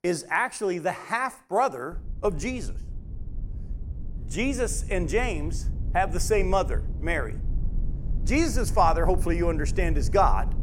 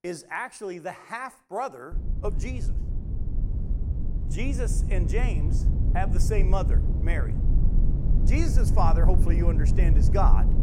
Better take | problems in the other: first | low rumble; loud; from 2 s on; 8 dB below the speech; faint in the first

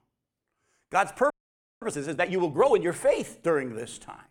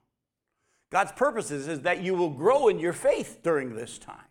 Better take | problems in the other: second | audio freezing; at 1.5 s for 0.5 s

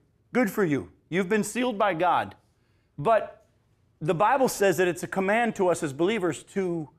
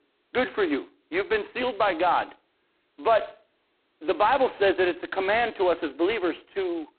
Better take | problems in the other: first | phone-call audio; poor line; nothing above 4 kHz

